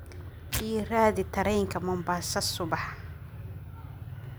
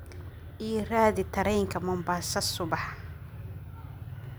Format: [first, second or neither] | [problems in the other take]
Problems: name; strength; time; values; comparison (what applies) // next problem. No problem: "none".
second | background sound (Tearing); 12 dB below the speech